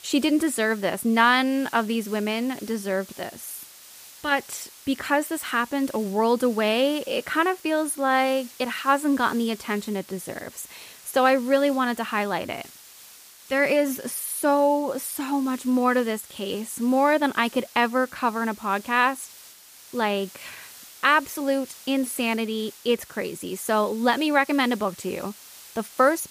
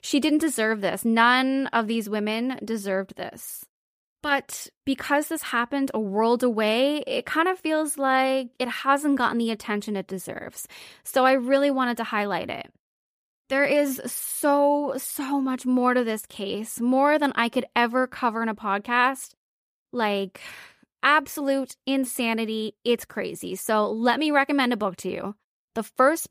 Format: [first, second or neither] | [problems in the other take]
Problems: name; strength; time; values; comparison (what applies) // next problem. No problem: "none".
second | hiss; noticeable; throughout; 20 dB below the speech